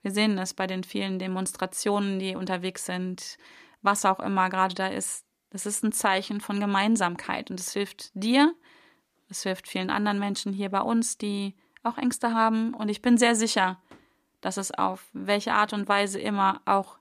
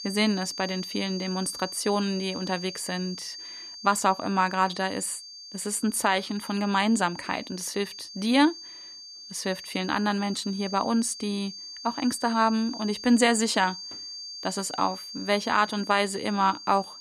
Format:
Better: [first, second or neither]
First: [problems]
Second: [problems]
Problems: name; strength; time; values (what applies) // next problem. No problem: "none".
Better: first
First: none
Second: high-pitched whine; noticeable; throughout; 4.5 kHz, 10 dB below the speech